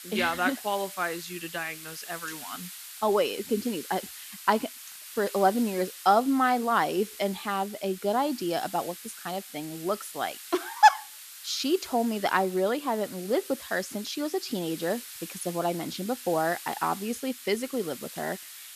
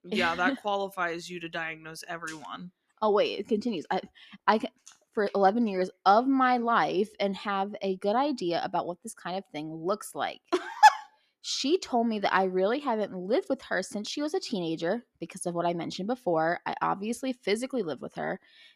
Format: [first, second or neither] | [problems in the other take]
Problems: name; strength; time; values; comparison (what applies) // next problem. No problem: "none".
second | hiss; noticeable; throughout; 15 dB below the speech